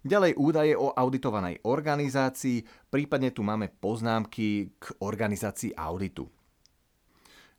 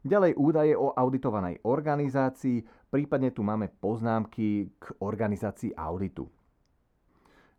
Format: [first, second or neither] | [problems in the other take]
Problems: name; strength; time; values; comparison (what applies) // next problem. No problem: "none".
first | muffled; very; fading above 2 kHz